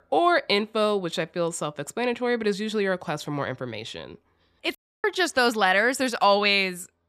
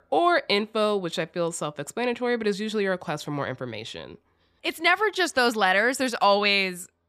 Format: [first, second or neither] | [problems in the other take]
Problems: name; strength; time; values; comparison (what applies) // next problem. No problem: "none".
second | audio cutting out; at 5 s